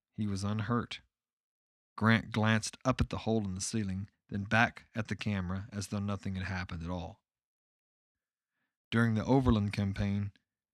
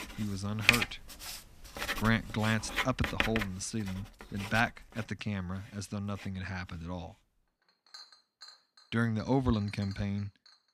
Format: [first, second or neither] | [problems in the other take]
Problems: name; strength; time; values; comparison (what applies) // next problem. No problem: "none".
first | household noises; very loud; throughout; 1 dB above the speech